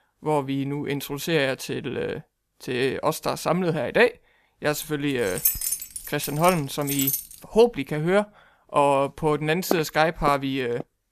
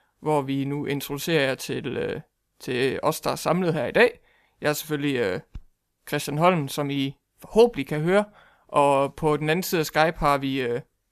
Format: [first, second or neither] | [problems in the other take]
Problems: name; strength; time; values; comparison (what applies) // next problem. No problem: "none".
second | jangling keys; loud; from 5 to 7 s; peak 3 dB above the speech // footsteps; noticeable; from 9.5 s on; peak 6 dB below the speech